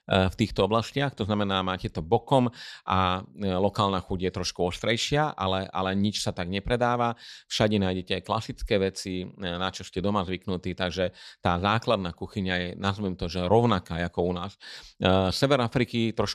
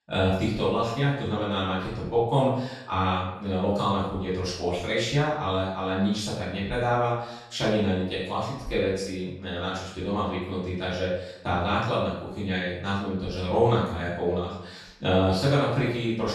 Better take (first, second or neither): first